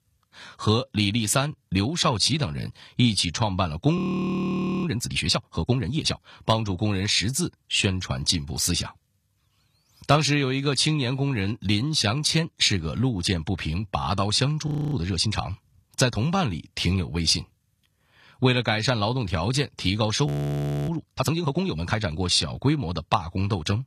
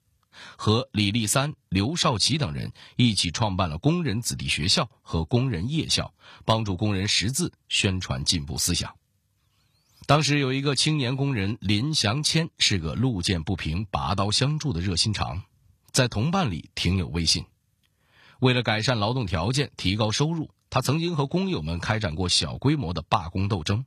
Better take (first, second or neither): second